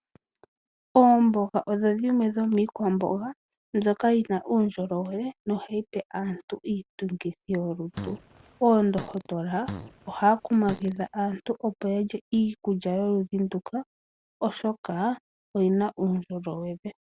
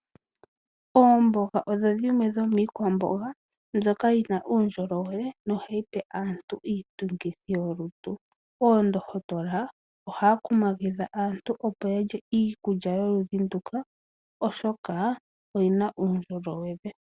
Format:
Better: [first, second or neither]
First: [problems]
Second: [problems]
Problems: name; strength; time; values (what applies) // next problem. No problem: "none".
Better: second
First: background sound (Fart); 15 dB below the speech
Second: none